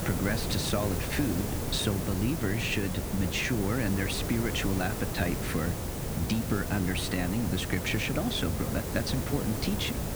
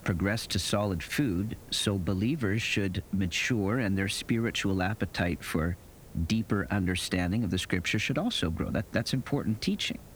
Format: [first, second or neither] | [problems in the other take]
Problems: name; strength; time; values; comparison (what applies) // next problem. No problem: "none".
second | hiss; loud; throughout; 3 dB below the speech; faint in the second